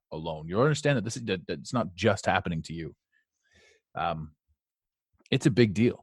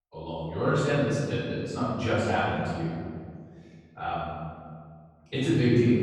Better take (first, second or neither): first